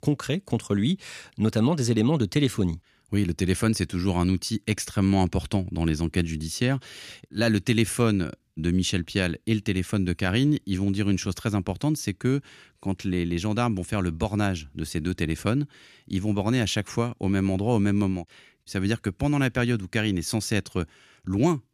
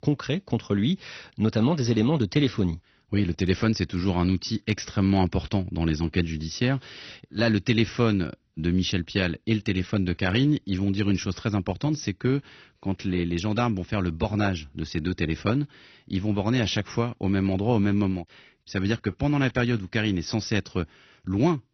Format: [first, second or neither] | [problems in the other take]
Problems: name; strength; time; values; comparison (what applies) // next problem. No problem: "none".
first | garbled, watery; slightly; nothing above 6 kHz